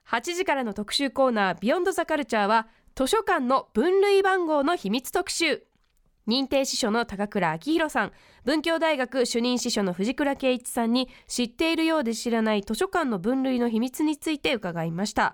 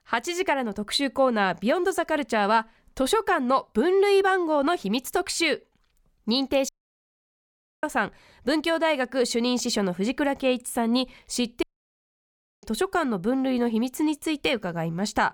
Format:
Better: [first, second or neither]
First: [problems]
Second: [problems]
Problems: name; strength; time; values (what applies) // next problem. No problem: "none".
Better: first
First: none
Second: audio cutting out; at 6.5 s for 1 s and at 12 s for 1 s